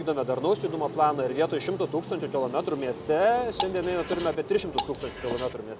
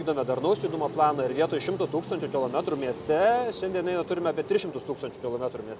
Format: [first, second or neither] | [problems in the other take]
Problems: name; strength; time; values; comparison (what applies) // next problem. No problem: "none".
second | background sound (Drip / Water); 9 dB below the speech